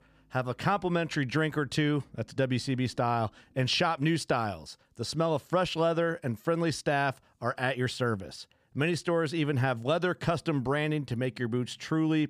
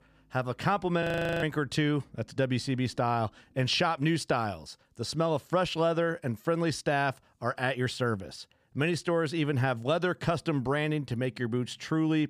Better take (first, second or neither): first